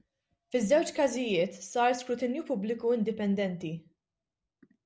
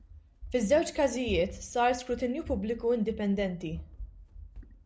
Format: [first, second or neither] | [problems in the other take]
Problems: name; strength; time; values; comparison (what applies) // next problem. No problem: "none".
first | background sound (Run); 14 dB below the speech